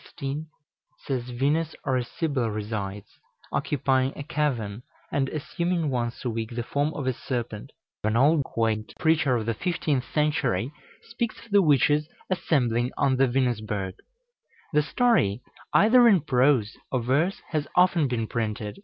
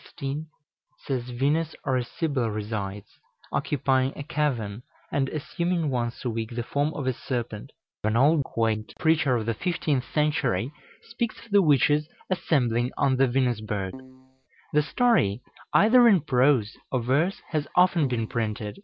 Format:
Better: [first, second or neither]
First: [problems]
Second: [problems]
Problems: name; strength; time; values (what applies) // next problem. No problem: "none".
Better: first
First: none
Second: background sound (Keyboard (musical)); 17 dB below the speech